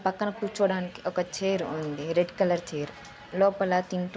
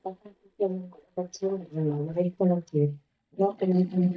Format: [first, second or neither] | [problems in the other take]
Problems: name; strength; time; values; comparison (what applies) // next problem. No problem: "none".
first | noise reduction (neural mask model DeepFilterNet 3)